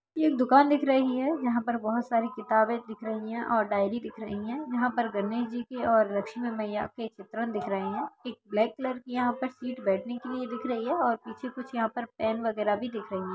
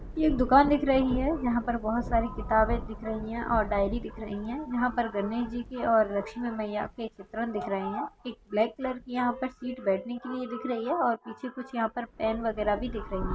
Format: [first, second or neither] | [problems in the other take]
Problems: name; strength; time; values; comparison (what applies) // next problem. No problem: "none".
first | background sound (Thunder / Rain); 11 dB below the speech